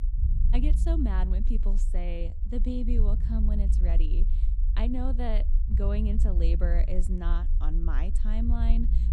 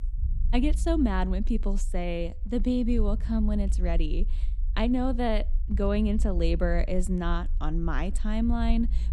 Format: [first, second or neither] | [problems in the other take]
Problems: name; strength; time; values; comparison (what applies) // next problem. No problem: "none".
second | low rumble; loud; throughout; 9 dB below the speech; faint in the second